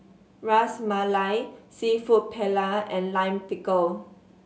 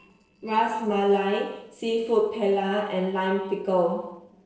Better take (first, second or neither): first